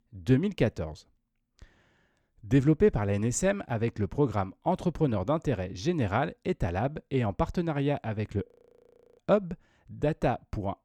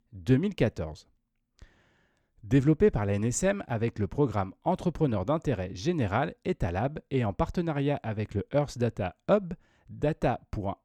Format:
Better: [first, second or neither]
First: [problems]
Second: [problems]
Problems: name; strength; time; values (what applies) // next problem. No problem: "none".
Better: second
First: audio freezing; at 8.5 s for 0.5 s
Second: none